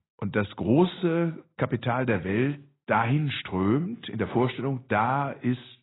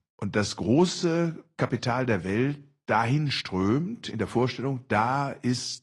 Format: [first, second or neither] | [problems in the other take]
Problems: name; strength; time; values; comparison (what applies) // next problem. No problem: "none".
second | garbled, watery; badly; nothing above 4 kHz; slightly in the second